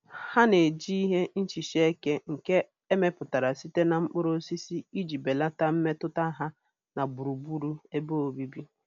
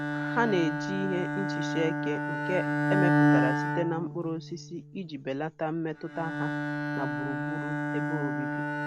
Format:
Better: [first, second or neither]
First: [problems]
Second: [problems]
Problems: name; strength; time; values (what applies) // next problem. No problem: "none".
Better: first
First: none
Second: background sound (Bowed string instrument); 3 dB above the speech